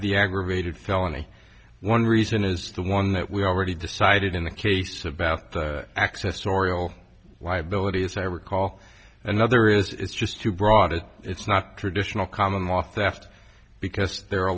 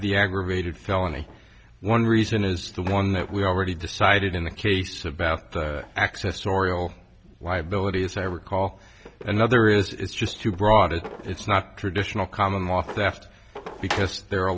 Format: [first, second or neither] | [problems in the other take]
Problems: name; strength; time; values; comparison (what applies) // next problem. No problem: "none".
first | background sound (Drawer open or close); 19 dB below the speech